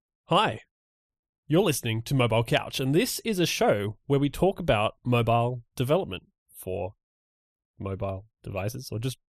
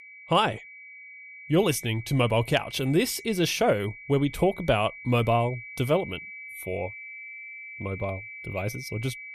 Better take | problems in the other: first | high-pitched whine; noticeable; throughout; 2.5 kHz, 15 dB below the speech

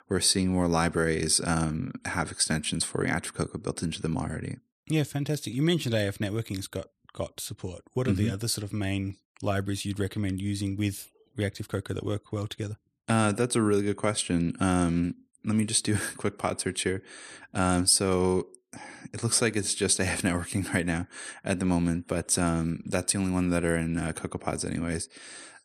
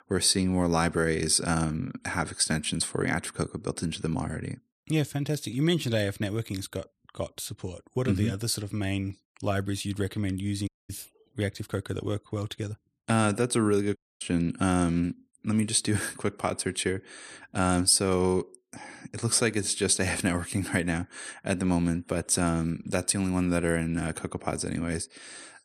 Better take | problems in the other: first | audio cutting out; at 11 s and at 14 s

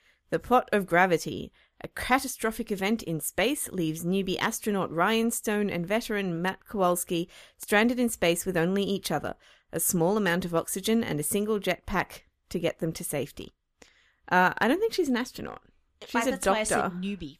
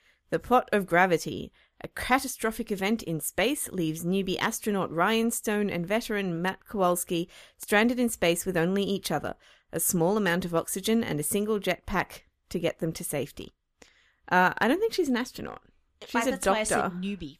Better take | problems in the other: neither | none

